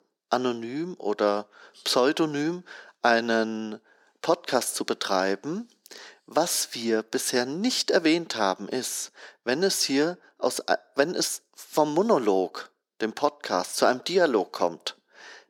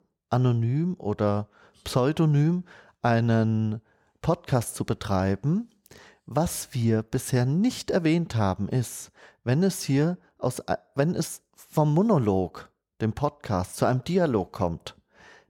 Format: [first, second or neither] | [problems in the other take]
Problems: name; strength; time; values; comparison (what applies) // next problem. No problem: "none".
second | thin; somewhat; fading below 300 Hz